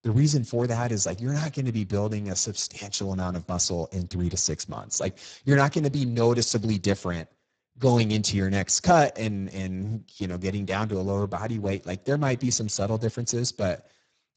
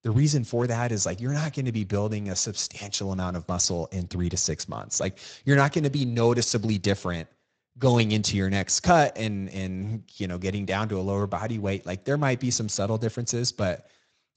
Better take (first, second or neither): second